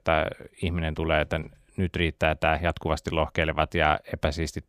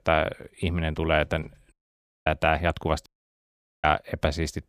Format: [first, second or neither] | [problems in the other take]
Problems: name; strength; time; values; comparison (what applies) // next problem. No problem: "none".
first | audio cutting out; at 1.5 s for 0.5 s and at 3 s for 1 s